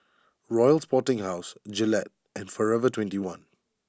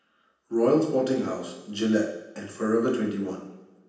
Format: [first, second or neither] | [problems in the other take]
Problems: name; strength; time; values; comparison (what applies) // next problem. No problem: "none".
first | room echo; dies away in 0.9 s